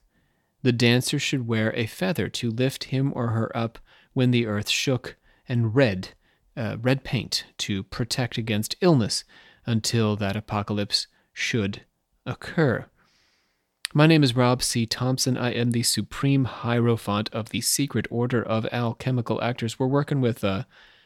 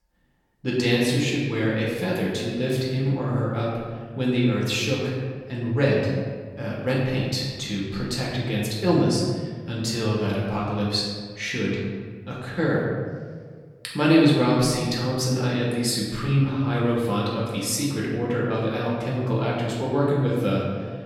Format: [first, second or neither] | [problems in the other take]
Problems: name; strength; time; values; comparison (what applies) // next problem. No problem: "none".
first | room echo; noticeable; dies away in 1.5 s // off-mic speech; far